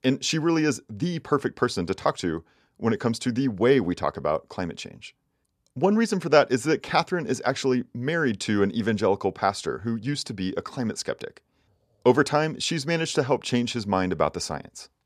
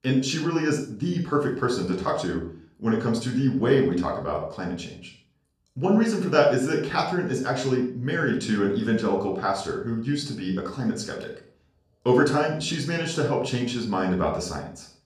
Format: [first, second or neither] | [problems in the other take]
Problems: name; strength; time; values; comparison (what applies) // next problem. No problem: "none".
first | off-mic speech; far // room echo; noticeable; dies away in 0.4 s